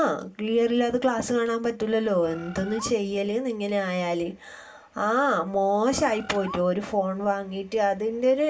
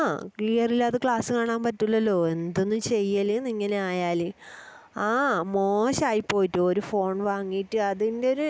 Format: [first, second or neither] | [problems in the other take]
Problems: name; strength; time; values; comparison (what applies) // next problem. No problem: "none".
second | background sound (Bird); 15 dB below the speech // room echo; dies away in 0.2 s